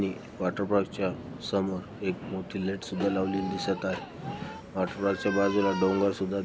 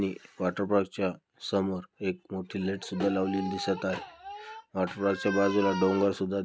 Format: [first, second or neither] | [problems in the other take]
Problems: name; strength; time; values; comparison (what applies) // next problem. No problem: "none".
second | background sound (Subway, metro, underground); 13 dB below the speech